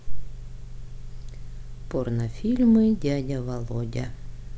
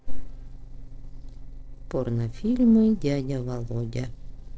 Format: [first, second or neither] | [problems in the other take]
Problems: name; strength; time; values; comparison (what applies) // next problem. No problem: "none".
first | noise reduction (neural separator model SepFormer DNS4)